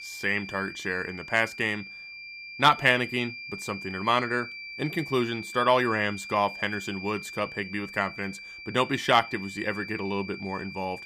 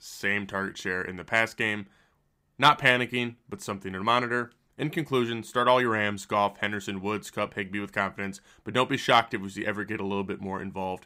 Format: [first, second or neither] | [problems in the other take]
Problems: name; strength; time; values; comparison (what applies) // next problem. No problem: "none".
second | high-pitched whine; noticeable; throughout; 2.5 kHz, 10 dB below the speech